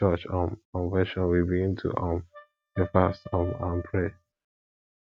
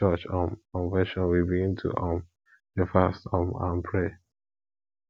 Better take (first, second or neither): second